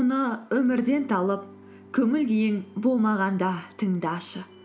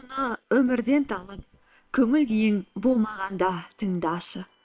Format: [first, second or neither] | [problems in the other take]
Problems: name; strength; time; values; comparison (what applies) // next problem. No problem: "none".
first | noise reduction (neural separator model SepFormer WHAM!)